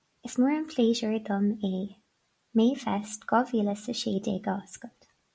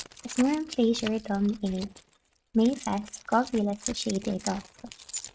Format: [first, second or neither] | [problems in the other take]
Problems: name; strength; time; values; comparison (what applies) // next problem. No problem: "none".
first | noise reduction (neural mask model RNNoise)